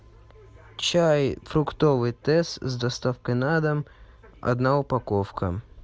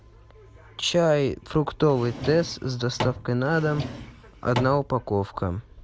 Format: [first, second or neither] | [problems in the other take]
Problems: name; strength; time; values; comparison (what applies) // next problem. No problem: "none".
first | background sound (Drawer open or close); 9 dB below the speech